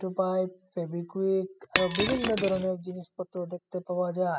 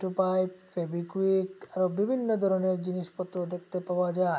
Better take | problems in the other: second | noise reduction (classical method spectral subtraction)

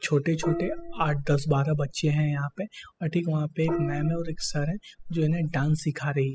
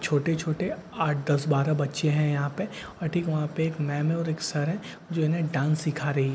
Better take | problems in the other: second | noise reduction (classical method spectral subtraction)

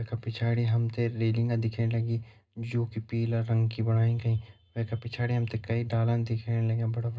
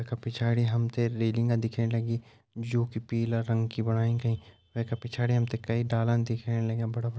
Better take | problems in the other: second | room echo; dies away in 0.2 s

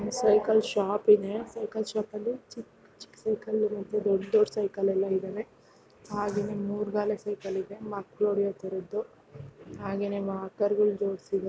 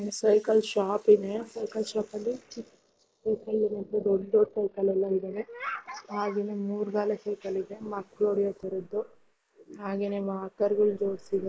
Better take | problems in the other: first | noise reduction (neural mask model Resemble Enhance denoiser)

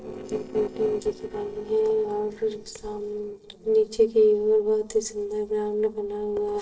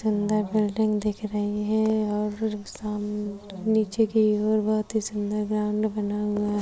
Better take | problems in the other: second | noise reduction (neural separator model SepFormer DNS4)

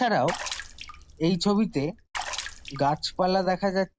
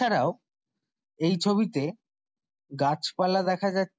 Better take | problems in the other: second | background sound (Water / Splash, splatter); 12 dB below the speech

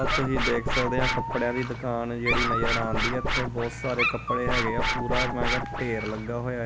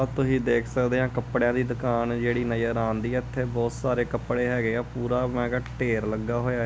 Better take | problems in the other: second | background sound (Scratching (performance technique) + Dog); 1 dB above the speech

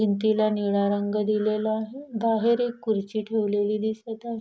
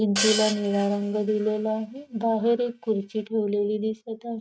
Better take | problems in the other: first | noise reduction (neural mask model RNNoise)

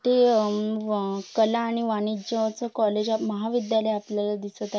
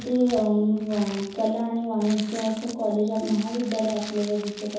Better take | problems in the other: first | background sound (Crumpling, crinkling); 17 dB below the speech // room echo; dies away in 0.9 s

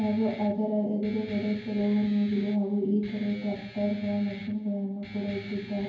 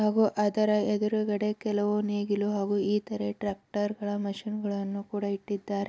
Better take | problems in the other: second | background sound (Guitar); 17 dB below the speech // room echo; dies away in 0.9 s

